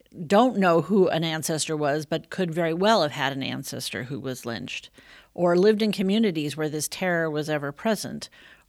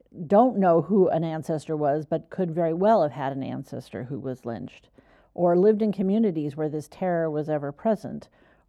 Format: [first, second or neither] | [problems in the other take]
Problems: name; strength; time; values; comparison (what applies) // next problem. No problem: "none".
first | muffled; very; fading above 1.5 kHz